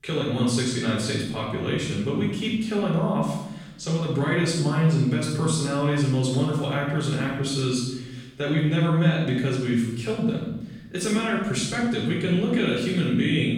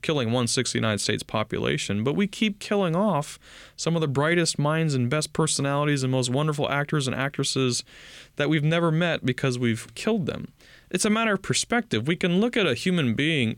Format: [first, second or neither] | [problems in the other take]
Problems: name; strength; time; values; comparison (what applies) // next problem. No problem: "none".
second | off-mic speech; far // room echo; strong; dies away in 0.9 s